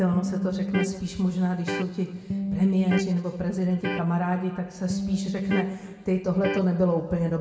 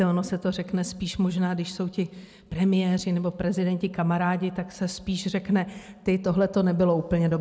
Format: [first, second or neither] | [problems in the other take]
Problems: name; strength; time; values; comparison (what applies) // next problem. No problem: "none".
second | background sound (Electric guitar); 5 dB below the speech // room echo; dies away in 1.5 s